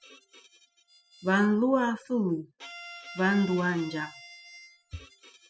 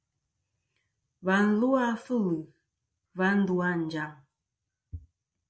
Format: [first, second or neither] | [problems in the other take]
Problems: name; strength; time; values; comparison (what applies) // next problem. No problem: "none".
second | noise reduction (classical method spectral subtraction)